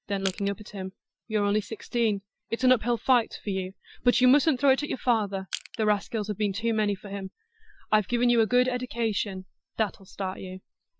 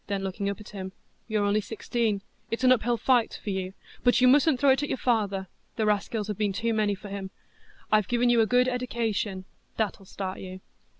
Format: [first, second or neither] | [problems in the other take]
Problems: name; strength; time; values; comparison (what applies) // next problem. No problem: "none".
second | noise reduction (classical method Wiener filter)